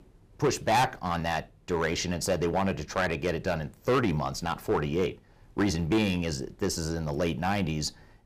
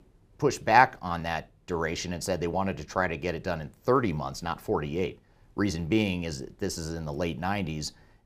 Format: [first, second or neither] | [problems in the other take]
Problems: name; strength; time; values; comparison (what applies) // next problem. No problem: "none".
second | distortion; heavy; 5% of the sound clipped